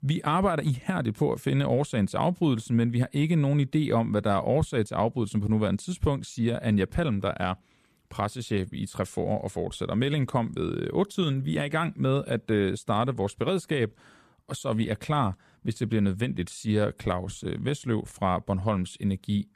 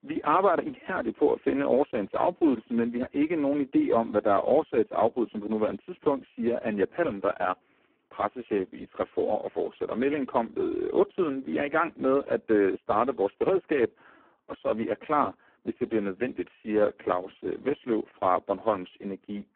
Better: first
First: none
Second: phone-call audio; poor line; nothing above 3.5 kHz

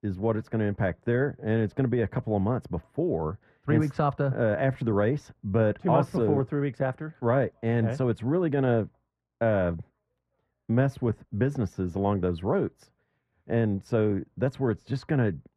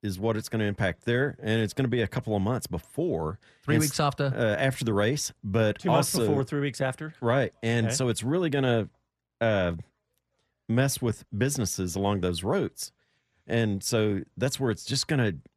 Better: second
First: muffled; very; fading above 3 kHz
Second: none

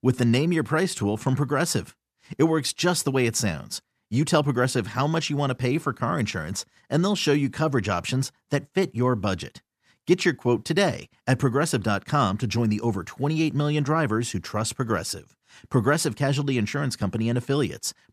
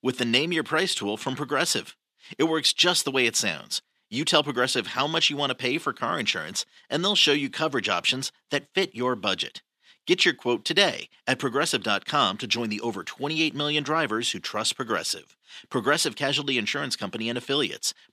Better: first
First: none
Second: thin; somewhat; fading below 250 Hz

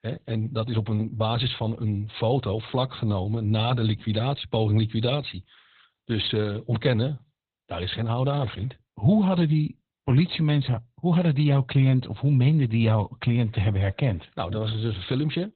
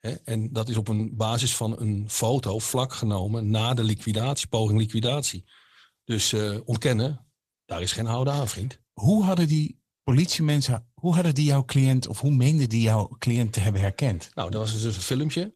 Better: second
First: garbled, watery; badly; nothing above 4 kHz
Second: garbled, watery; slightly; nothing above 14 kHz

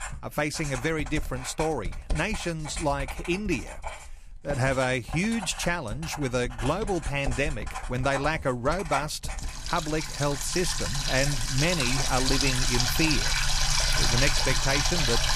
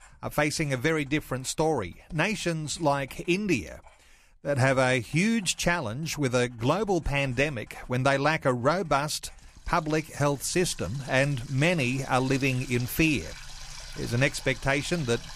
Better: second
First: household noises; loud; throughout; 1 dB below the speech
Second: household noises; faint; throughout; 20 dB below the speech

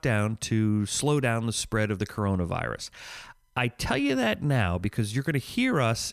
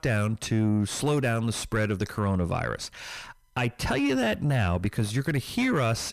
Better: first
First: none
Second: distortion; slight; 10 dB below the speech

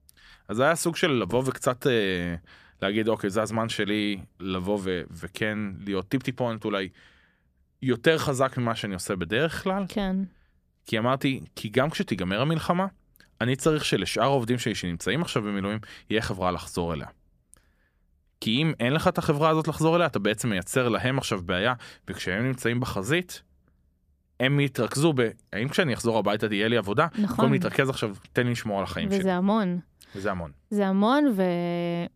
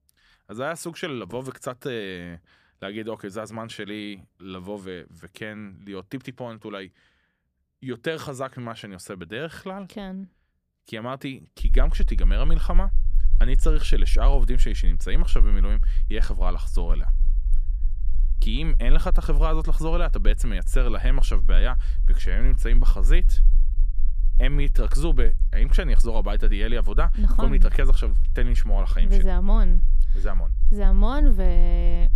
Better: first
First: none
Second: low rumble; noticeable; from 12 s on; 20 dB below the speech

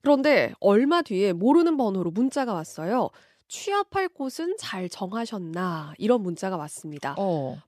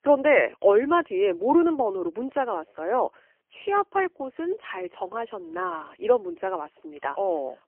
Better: first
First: none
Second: phone-call audio; poor line; nothing above 3 kHz

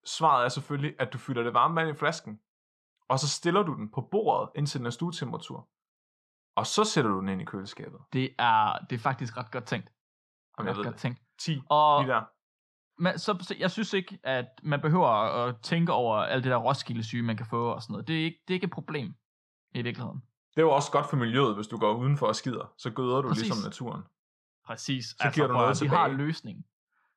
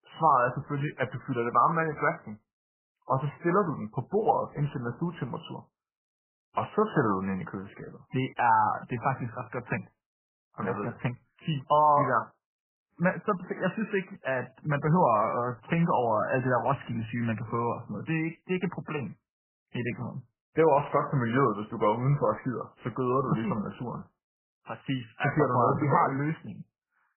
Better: first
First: none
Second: garbled, watery; badly; nothing above 3 kHz

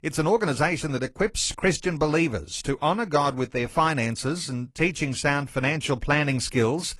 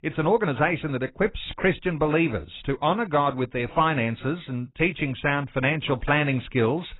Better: first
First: garbled, watery; slightly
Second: garbled, watery; badly; nothing above 4 kHz

